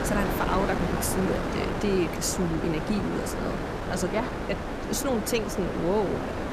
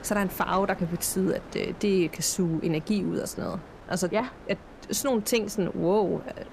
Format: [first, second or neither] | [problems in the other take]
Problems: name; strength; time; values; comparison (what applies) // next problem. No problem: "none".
second | wind noise on the microphone; heavy; 1 dB below the speech; occasional gusts in the second